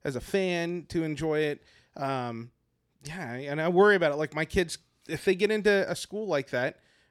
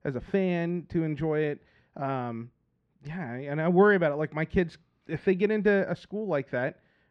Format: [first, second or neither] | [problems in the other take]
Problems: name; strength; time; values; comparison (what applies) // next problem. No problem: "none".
first | muffled; very; fading above 2 kHz